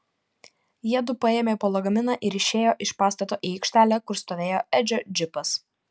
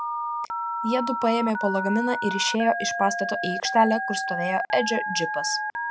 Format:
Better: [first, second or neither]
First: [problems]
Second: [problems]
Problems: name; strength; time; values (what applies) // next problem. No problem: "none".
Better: first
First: none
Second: background sound (Telephone); 3 dB below the speech